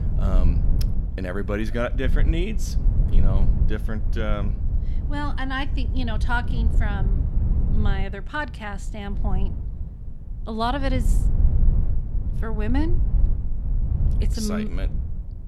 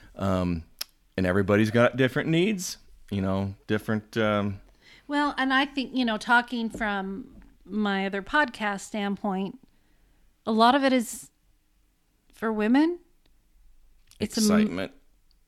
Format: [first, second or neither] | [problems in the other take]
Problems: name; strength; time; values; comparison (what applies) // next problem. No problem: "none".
second | low rumble; noticeable; throughout; 10 dB below the speech